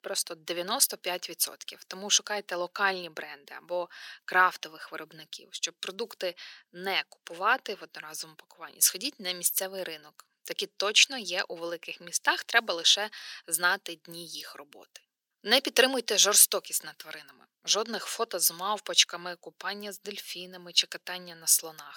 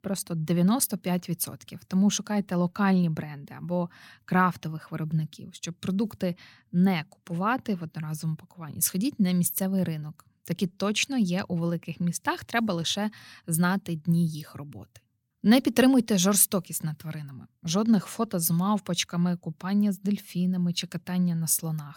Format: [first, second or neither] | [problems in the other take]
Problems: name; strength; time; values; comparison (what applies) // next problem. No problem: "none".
second | thin; very; fading below 400 Hz